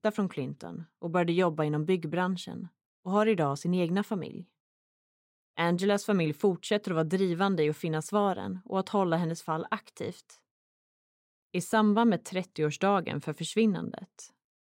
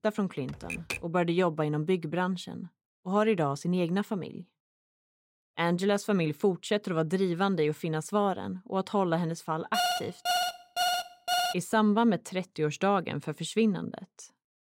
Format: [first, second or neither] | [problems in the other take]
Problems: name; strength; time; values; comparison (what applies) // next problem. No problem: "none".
first | keyboard typing; noticeable; at 0.5 s; peak 6 dB below the speech // alarm; loud; from 9.5 to 12 s; peak 1 dB above the speech